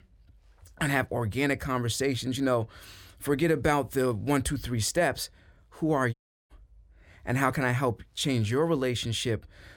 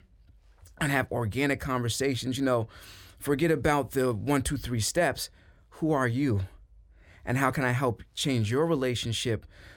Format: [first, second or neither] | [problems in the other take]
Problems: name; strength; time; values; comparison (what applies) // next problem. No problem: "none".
second | audio cutting out; at 6 s